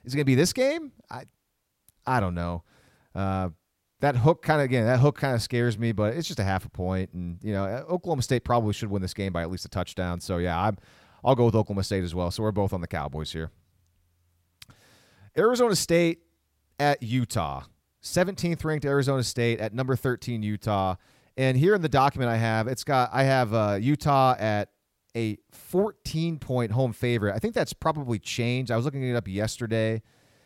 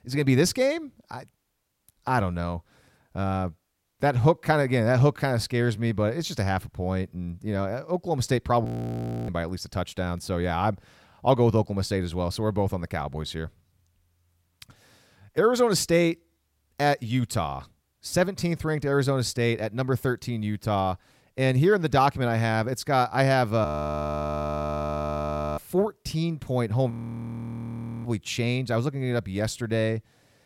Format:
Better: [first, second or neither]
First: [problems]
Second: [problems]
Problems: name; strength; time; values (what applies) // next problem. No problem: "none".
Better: first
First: none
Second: audio freezing; at 8.5 s for 0.5 s, at 24 s for 2 s and at 27 s for 1 s